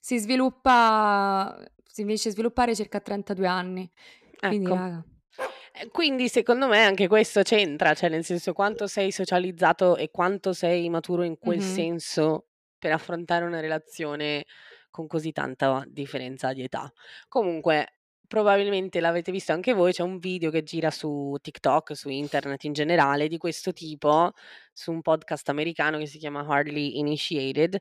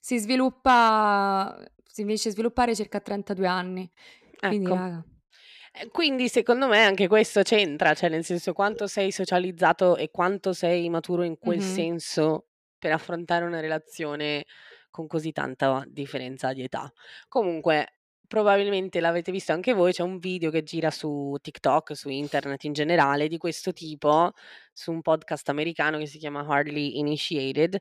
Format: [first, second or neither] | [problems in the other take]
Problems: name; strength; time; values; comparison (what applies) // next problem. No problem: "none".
second | dog barking; faint; at 5.5 s; peak 10 dB below the speech